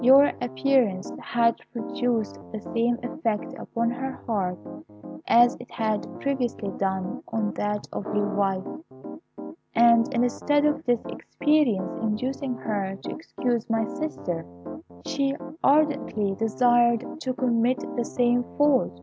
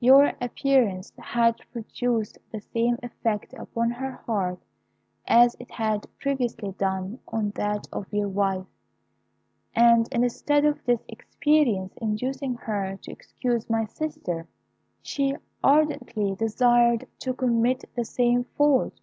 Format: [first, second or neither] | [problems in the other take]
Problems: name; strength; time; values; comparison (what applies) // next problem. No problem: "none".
second | background sound (Piano); 11 dB below the speech